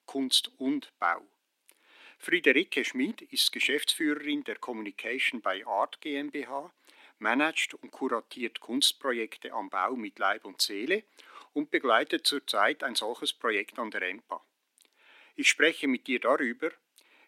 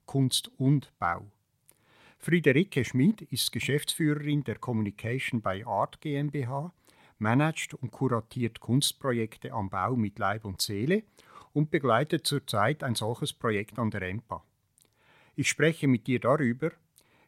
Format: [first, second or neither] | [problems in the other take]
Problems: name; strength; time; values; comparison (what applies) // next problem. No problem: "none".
second | thin; somewhat; fading below 250 Hz